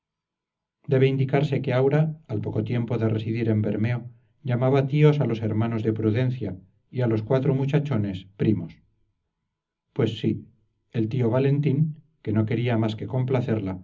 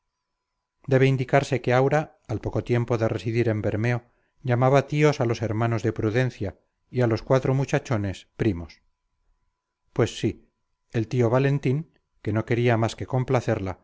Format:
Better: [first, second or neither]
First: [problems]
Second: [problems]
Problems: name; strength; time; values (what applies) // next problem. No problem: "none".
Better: second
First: room echo; dies away in 0.4 s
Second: none